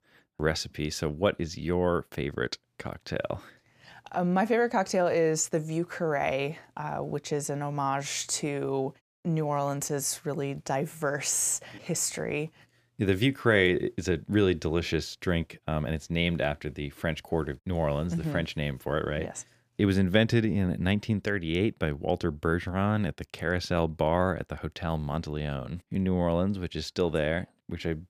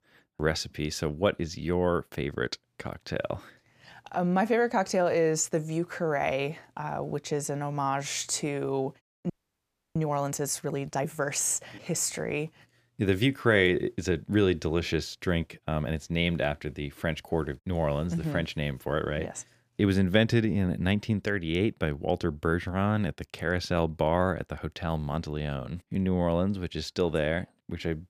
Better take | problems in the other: first | audio freezing; at 9.5 s for 0.5 s

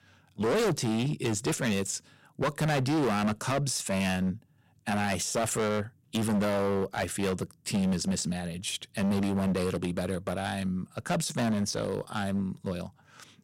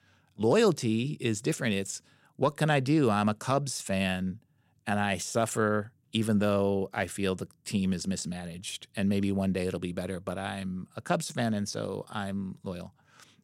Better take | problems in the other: second | distortion; heavy; 15% of the sound clipped

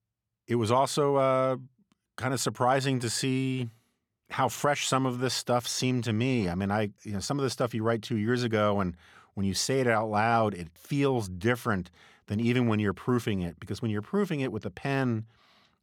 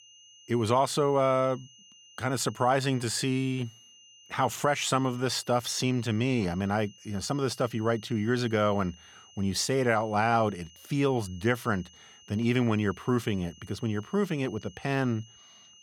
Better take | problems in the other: first | high-pitched whine; faint; throughout; 3 kHz, 25 dB below the speech

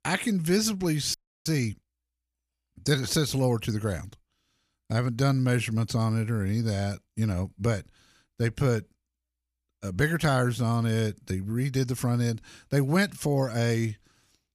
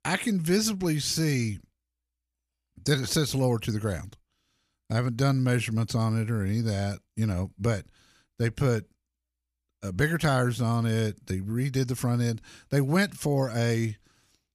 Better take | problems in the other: second | audio freezing; at 1 s

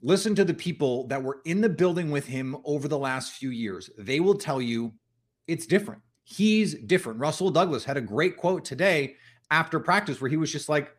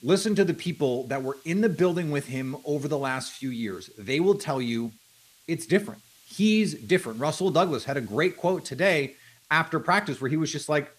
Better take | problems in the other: first | hiss; faint; throughout; 30 dB below the speech

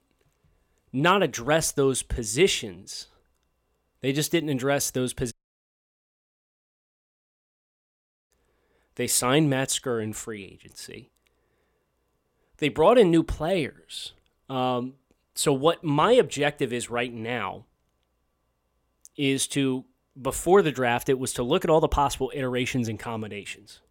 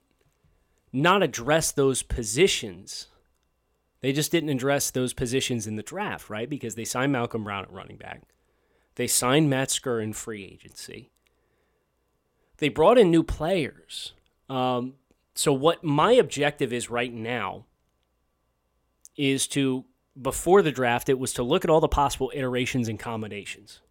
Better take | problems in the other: second | audio cutting out; at 5.5 s for 3 s

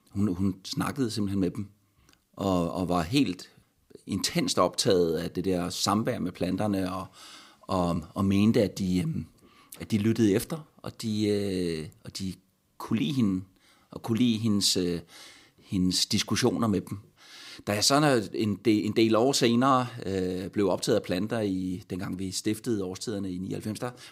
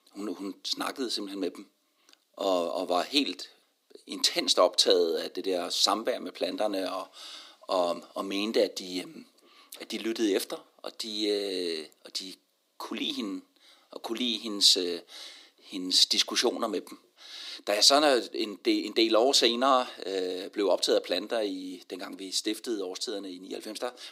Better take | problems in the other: first | thin; somewhat; fading below 300 Hz

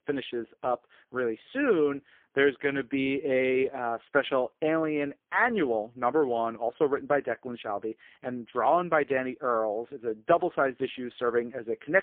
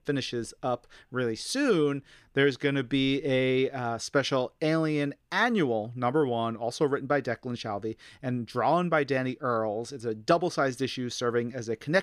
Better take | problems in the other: second | phone-call audio; poor line

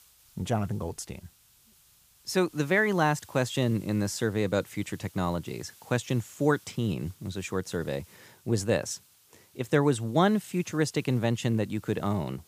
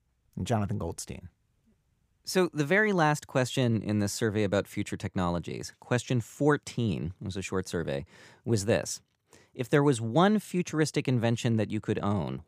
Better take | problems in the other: second | hiss; faint; throughout; 25 dB below the speech

